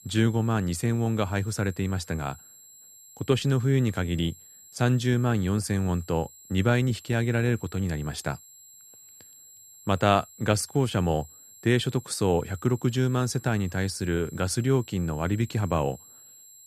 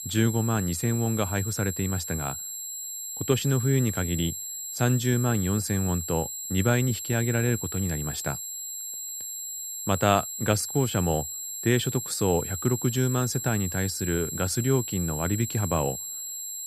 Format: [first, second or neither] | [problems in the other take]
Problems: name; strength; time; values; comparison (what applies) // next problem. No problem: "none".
first | high-pitched whine; loud; throughout; 7.5 kHz, 5 dB below the speech; faint in the first